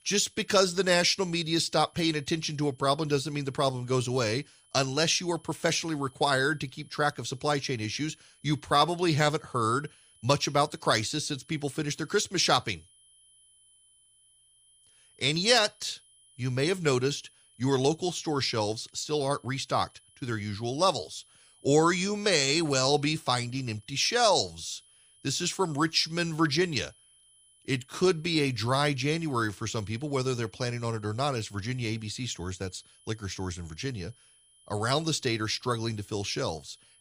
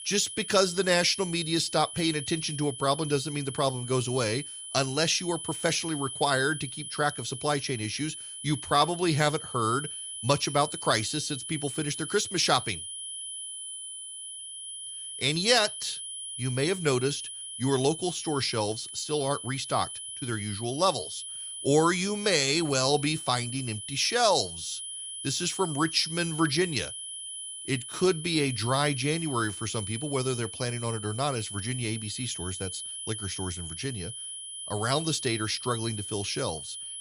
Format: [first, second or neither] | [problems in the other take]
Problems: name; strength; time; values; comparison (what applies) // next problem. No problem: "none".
first | high-pitched whine; loud; throughout; 10 kHz, 8 dB below the speech; faint in the first